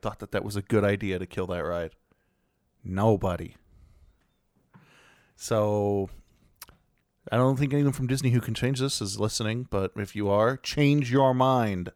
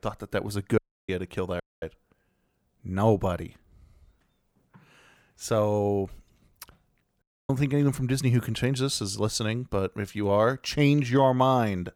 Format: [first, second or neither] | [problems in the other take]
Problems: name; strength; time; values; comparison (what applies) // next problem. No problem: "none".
first | audio cutting out; at 1 s, at 1.5 s and at 7 s